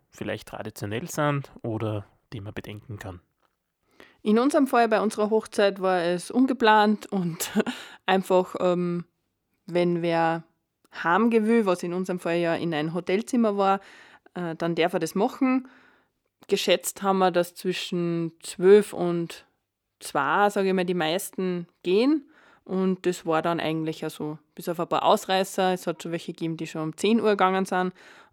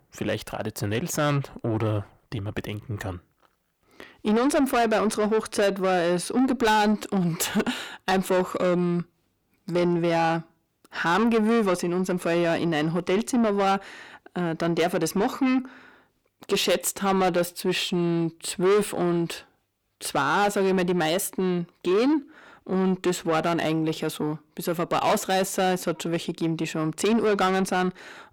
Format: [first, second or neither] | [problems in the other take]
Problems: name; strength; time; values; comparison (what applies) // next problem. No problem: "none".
first | distortion; heavy; 8 dB below the speech